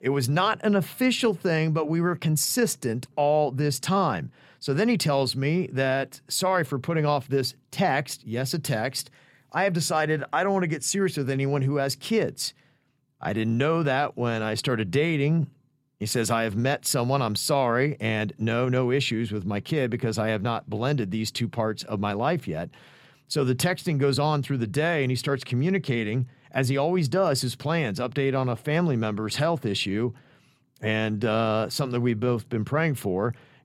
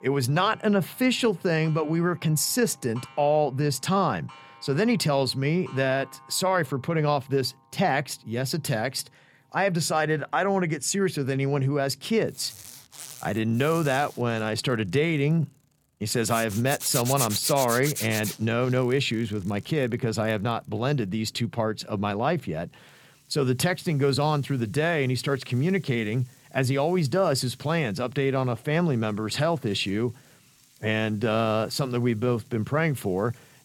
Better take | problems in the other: first | household noises; loud; throughout; 10 dB below the speech

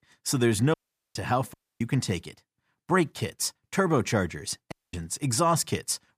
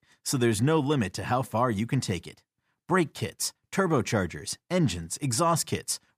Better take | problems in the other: second | audio cutting out; at 0.5 s, at 1.5 s and at 4.5 s

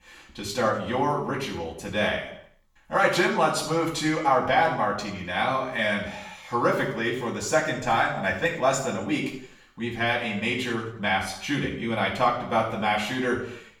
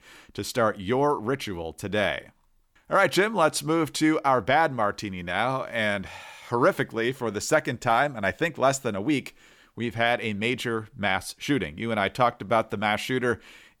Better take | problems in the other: second | room echo; noticeable; dies away in 0.6 s // off-mic speech; far

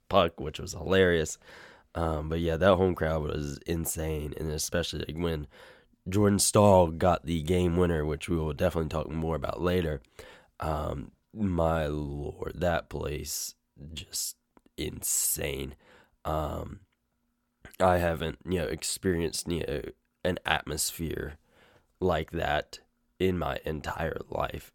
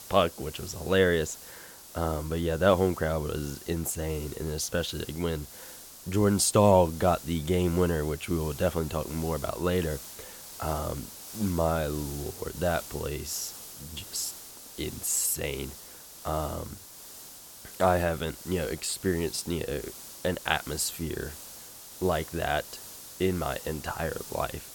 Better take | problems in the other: first | hiss; noticeable; throughout; 15 dB below the speech

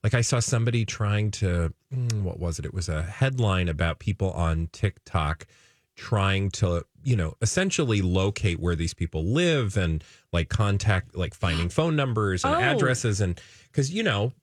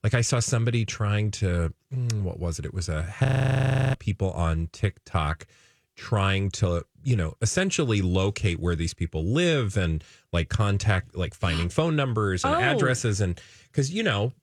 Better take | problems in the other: first | audio freezing; at 3.5 s for 0.5 s

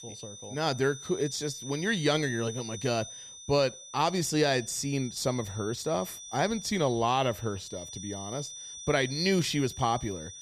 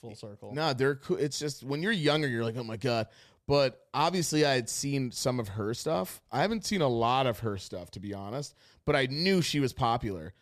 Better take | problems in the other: second | high-pitched whine; noticeable; throughout; 6 kHz, 10 dB below the speech

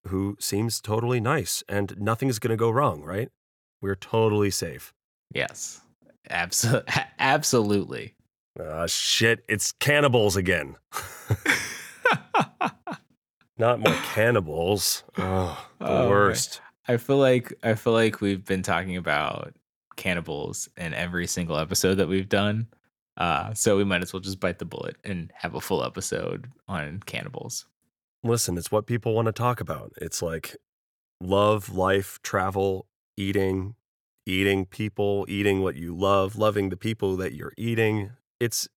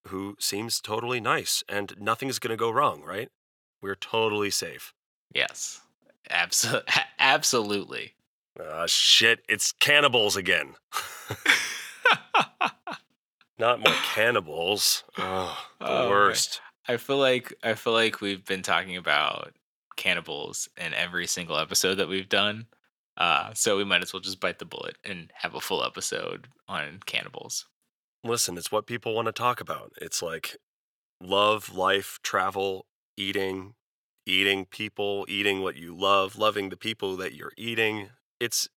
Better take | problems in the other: first | thin; somewhat; fading below 950 Hz

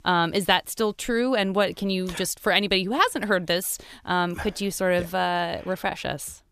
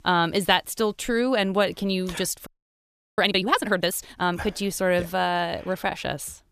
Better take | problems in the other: first | audio freezing; at 2.5 s for 0.5 s

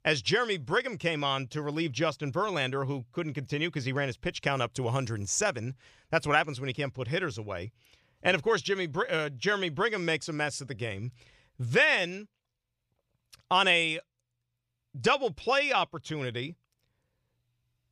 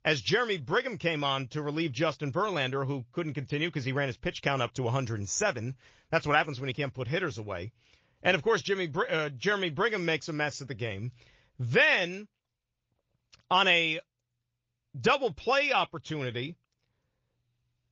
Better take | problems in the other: first | garbled, watery; slightly; nothing above 7 kHz

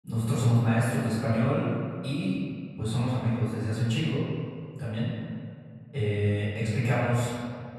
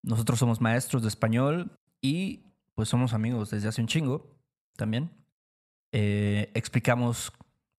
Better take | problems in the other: second | off-mic speech; far // room echo; strong; dies away in 2 s

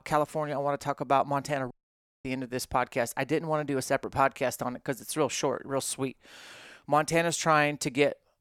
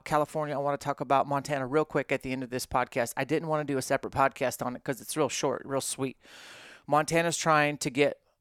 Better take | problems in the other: second | audio cutting out; at 1.5 s for 0.5 s

